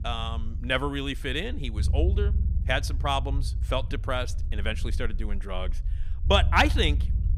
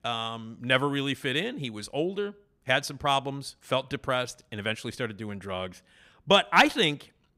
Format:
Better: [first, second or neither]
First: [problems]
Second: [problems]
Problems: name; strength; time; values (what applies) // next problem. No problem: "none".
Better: second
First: low rumble; noticeable; throughout; 20 dB below the speech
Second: none